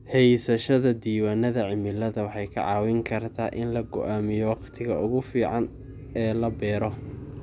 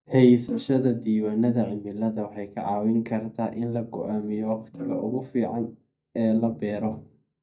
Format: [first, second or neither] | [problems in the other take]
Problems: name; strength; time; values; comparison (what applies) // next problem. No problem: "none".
first | noise reduction (neural mask model DeepFilterNet 3)